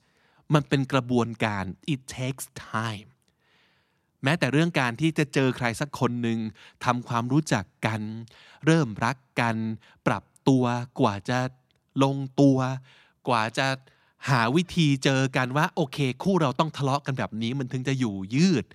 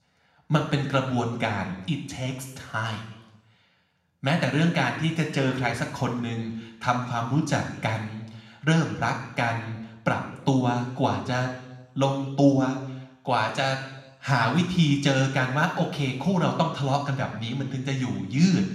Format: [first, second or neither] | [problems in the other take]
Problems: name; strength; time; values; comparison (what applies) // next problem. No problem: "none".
first | room echo; noticeable; dies away in 0.9 s // off-mic speech; somewhat distant